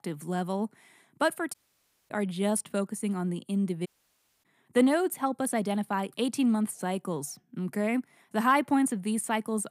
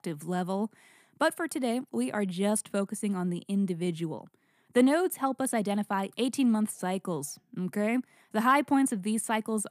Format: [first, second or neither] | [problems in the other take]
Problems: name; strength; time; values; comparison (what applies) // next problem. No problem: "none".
second | audio cutting out; at 1.5 s for 0.5 s and at 4 s for 0.5 s